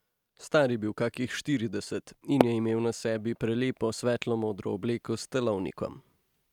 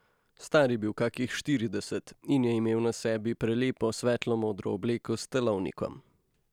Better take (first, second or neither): second